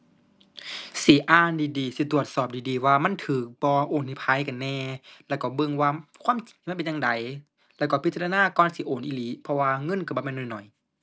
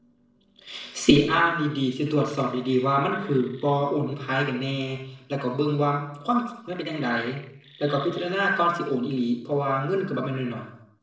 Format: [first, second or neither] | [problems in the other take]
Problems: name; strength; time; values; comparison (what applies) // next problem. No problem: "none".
first | noise reduction (neural separator model SepFormer DNS4)